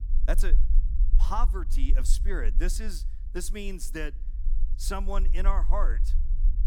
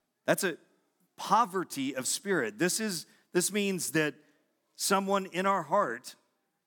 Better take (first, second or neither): second